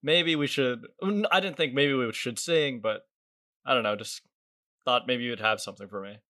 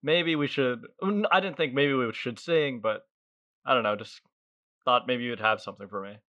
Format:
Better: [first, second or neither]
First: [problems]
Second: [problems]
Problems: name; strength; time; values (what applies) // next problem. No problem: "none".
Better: first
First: none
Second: muffled; slightly; fading above 3 kHz